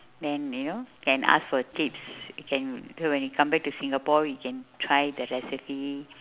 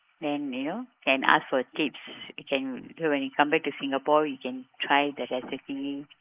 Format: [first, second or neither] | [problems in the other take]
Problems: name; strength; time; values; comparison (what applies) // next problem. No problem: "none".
first | noise reduction (neural mask model Resemble Enhance denoiser)